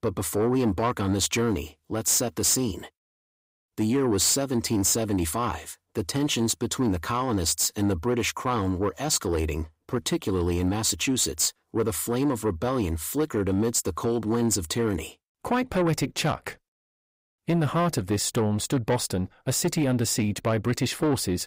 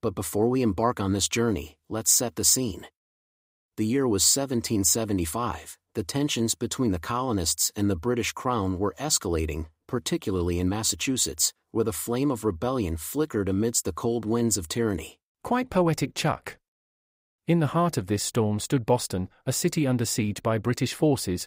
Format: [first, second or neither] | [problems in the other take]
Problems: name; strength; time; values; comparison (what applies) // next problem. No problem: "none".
second | distortion; slight; 10 dB below the speech